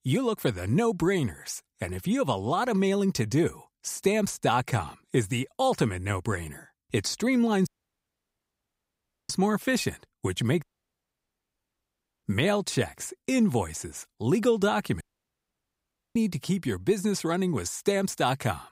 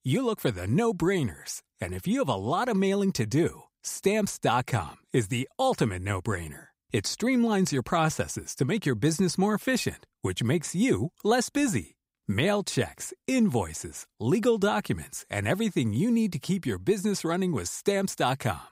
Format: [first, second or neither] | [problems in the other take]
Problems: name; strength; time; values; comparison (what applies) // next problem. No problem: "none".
second | audio cutting out; at 7.5 s for 1.5 s, at 11 s for 1.5 s and at 15 s for 1 s